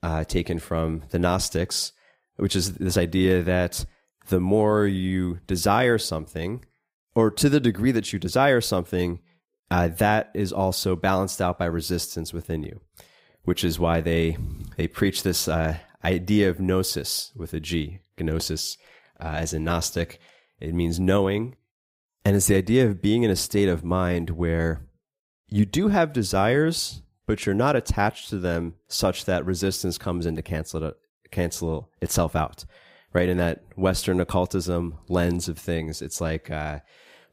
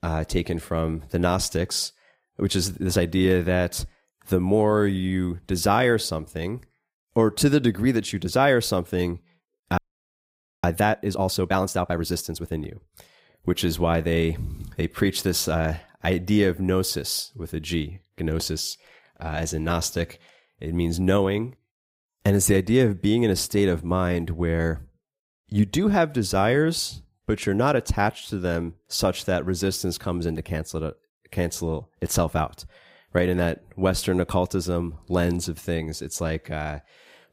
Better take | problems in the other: first | audio freezing; at 10 s for 1 s

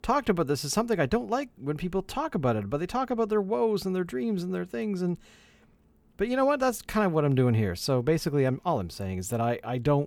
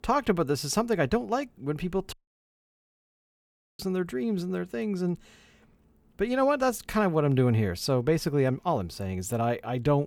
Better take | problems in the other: first | audio cutting out; at 2 s for 1.5 s

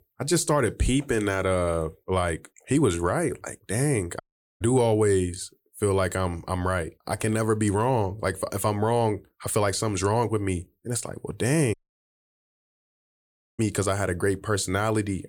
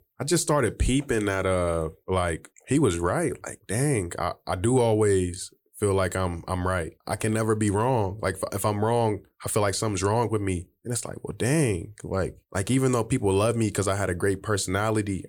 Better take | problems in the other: second | audio cutting out; at 4 s and at 12 s for 2 s

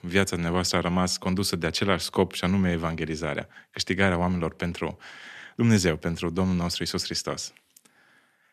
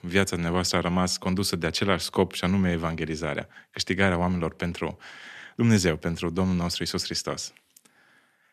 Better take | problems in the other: neither | none

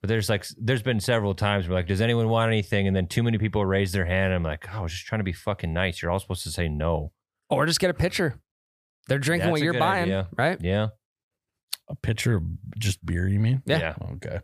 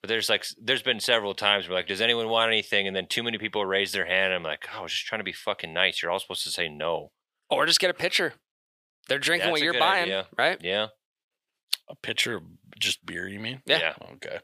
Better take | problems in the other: first | thin; very; fading below 400 Hz

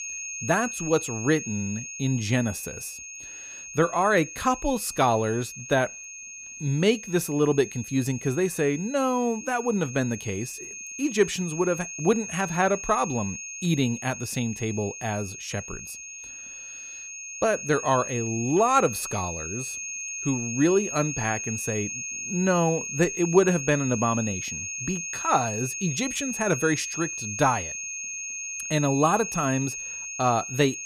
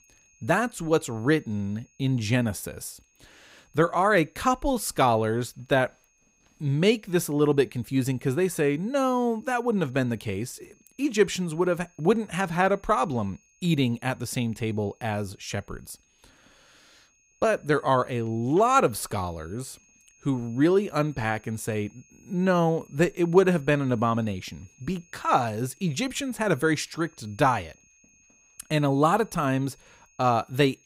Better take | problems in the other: second | high-pitched whine; loud; throughout; 6.5 kHz, 7 dB below the speech; faint in the second

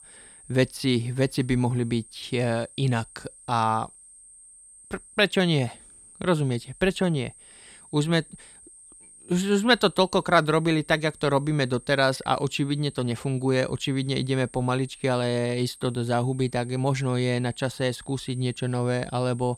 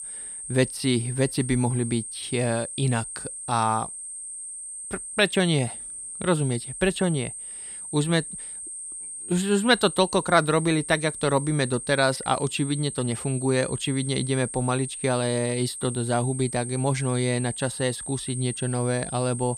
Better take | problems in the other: first | high-pitched whine; loud; throughout; 8.5 kHz, 8 dB below the speech; faint in the first

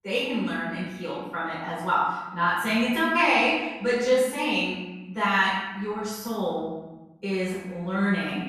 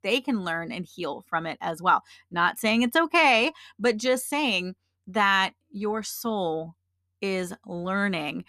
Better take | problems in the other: second | room echo; strong; dies away in 1.1 s // off-mic speech; far

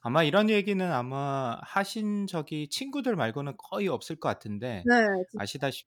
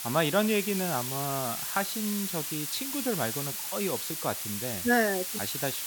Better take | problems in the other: first | hiss; loud; throughout; 2 dB below the speech

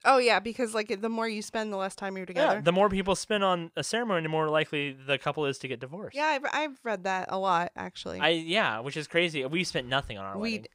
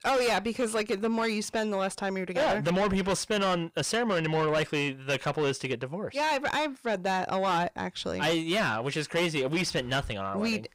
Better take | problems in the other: first | distortion; heavy; 6 dB below the speech

